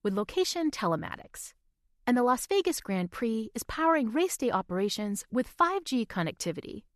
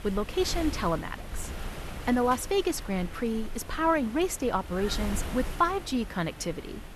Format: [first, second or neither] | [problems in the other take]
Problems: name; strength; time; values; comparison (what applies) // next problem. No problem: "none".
first | wind noise on the microphone; occasional gusts; 15 dB below the speech